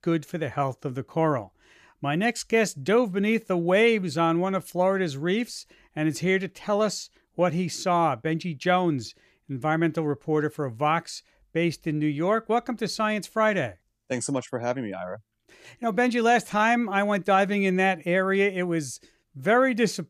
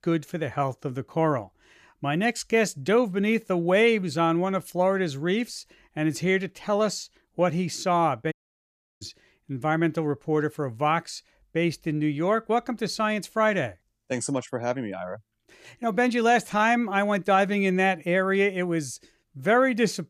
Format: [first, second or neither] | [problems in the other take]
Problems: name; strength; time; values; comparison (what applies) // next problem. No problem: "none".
first | audio cutting out; at 8.5 s for 0.5 s